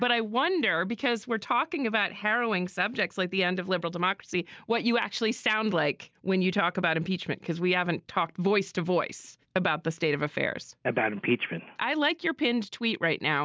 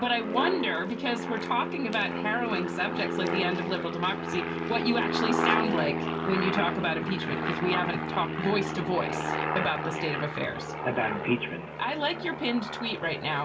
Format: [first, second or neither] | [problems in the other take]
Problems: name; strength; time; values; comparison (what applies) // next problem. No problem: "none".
first | background sound (Aircraft); 1 dB below the speech // room echo; dies away in 0.2 s